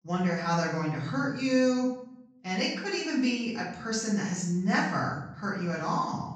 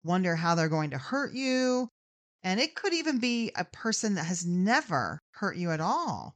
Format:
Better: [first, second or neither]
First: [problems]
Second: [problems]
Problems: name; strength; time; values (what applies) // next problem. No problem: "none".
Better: second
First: room echo; noticeable; dies away in 0.7 s // off-mic speech; far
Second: none